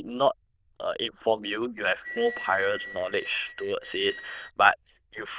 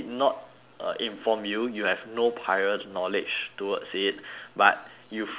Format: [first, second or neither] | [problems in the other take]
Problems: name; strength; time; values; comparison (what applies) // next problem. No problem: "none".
second | noise reduction (neural diffusion model UNIVERSE++)